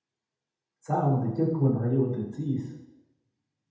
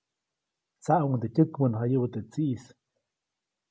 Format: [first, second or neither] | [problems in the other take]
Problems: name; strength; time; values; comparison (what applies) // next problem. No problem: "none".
second | room echo; dies away in 0.8 s